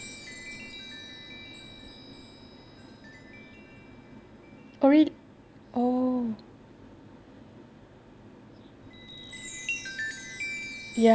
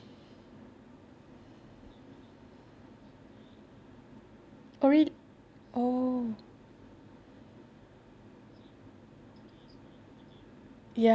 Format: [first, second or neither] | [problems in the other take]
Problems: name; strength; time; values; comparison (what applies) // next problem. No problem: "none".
second | background sound (Chime); 13 dB below the speech